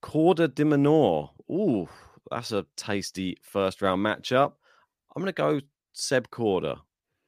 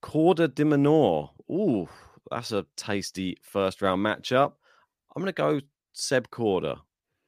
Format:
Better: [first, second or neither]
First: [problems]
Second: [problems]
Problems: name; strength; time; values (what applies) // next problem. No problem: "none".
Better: neither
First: none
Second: none